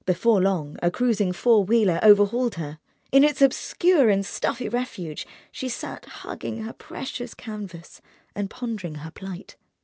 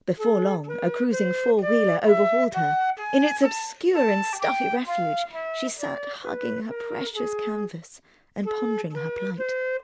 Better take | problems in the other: first | background sound (Wind instrument, woodwind instrument); 2 dB below the speech

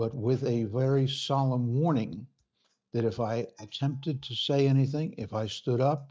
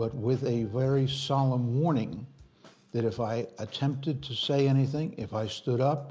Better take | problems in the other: second | noise reduction (neural mask model DeepFilterNet 3)

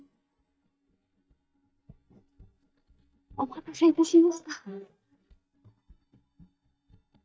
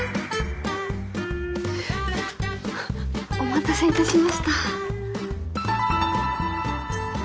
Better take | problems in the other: second | noise reduction (neural mask model DeepFilterNet 3)

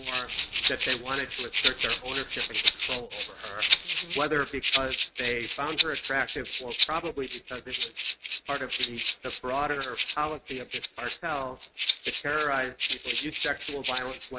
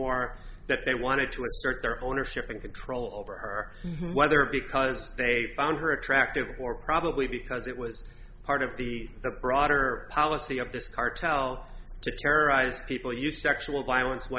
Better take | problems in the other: second | noise reduction (neural mask model RNNoise)

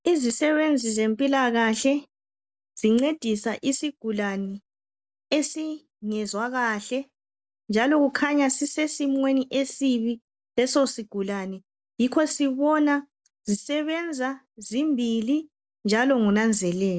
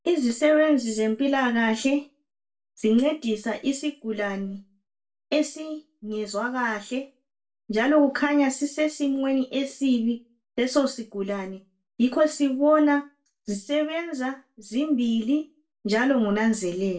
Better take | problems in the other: first | room echo; dies away in 0.2 s

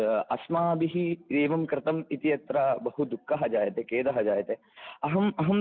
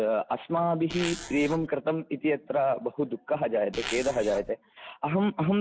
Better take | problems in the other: first | background sound (Zipper (clothing)); 10 dB below the speech

